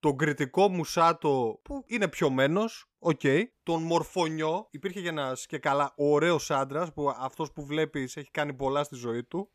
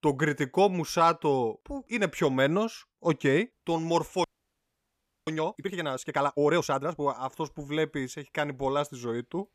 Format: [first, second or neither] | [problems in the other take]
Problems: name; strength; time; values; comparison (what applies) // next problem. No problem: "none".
first | audio freezing; at 4 s for 1 s